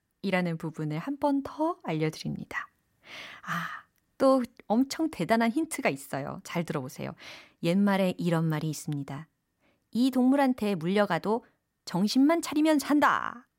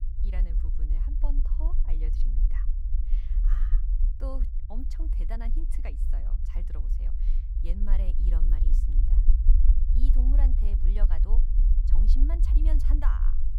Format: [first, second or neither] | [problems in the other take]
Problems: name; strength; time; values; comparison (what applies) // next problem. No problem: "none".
first | low rumble; loud; throughout; 4 dB below the speech